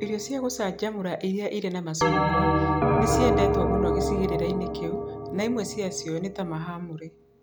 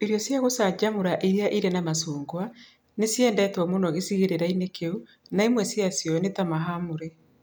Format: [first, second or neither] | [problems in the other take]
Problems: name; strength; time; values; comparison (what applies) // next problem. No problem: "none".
second | background sound (Bell); 3 dB above the speech